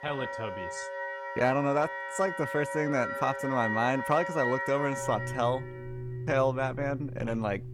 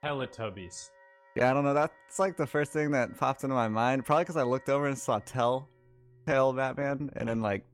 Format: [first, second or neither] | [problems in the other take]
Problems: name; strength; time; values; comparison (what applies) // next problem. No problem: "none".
second | background music; loud; throughout; 6 dB below the speech; faint in the second